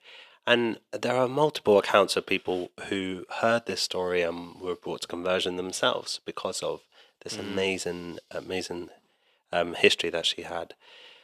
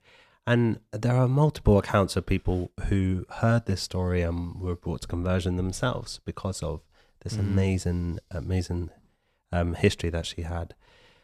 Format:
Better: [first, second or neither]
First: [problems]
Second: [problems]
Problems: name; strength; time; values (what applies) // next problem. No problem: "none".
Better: second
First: thin; somewhat; fading below 400 Hz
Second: none